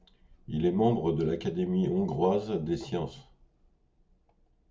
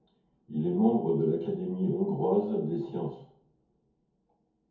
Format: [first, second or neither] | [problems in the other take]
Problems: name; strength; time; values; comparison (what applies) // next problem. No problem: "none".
first | room echo; dies away in 0.5 s